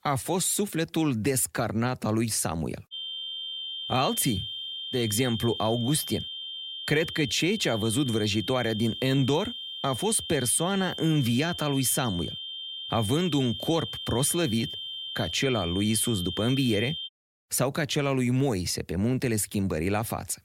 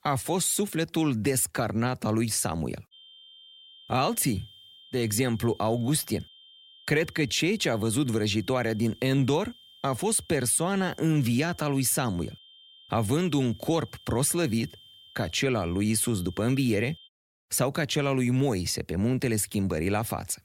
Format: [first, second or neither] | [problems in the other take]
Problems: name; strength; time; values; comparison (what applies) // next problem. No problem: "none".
second | high-pitched whine; loud; from 3 to 17 s; 3 kHz, 7 dB below the speech; faint in the second